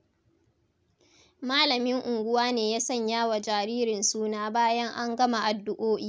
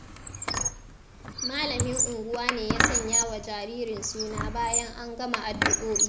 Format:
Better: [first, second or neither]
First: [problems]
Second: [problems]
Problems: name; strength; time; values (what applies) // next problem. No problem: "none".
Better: first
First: none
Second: background sound (Squeak); 4 dB above the speech // room echo; dies away in 1 s